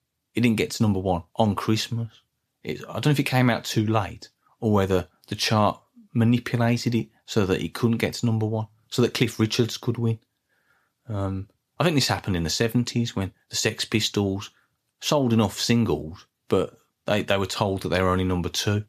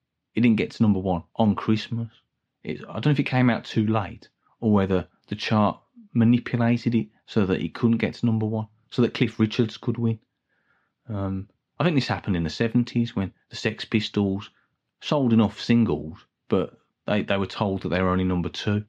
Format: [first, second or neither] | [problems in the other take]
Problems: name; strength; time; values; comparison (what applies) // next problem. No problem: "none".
first | muffled; slightly; fading above 3 kHz